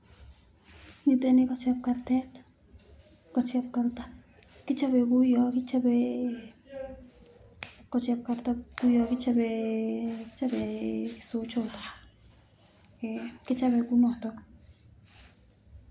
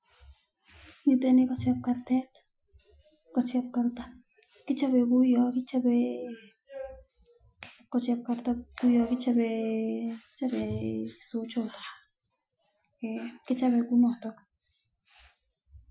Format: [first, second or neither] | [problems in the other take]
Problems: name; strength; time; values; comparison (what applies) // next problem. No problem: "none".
first | noise reduction (classical method Wiener filter)